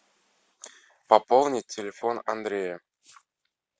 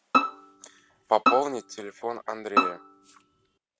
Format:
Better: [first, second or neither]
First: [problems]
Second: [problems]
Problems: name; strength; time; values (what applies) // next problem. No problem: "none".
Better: first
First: none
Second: background sound (Bowed string instrument); 3 dB above the speech